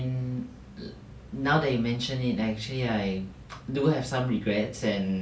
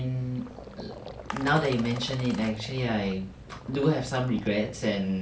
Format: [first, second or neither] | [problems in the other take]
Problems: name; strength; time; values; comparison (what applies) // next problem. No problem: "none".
first | background sound (Coin (dropping) + Gurgling); 15 dB below the speech